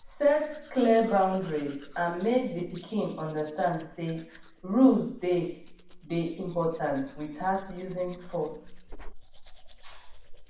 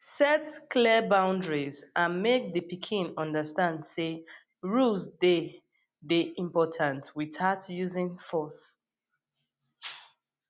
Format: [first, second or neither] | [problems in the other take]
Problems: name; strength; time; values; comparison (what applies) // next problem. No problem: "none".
second | background sound (Domestic sounds, home sounds); 15 dB below the speech // room echo; dies away in 0.6 s